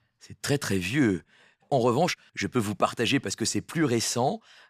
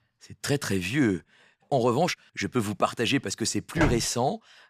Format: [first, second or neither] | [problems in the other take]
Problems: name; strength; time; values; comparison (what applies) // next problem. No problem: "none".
first | footsteps; noticeable; at 4 s; peak 2 dB below the speech